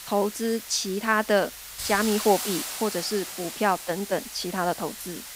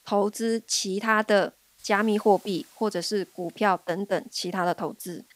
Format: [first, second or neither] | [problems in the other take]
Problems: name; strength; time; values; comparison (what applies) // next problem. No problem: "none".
second | hiss; loud; throughout; 7 dB below the speech; faint in the second